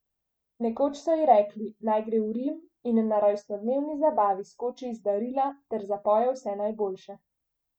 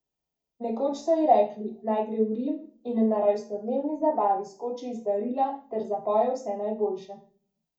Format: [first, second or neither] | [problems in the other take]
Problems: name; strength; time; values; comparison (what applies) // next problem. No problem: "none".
first | room echo; dies away in 0.4 s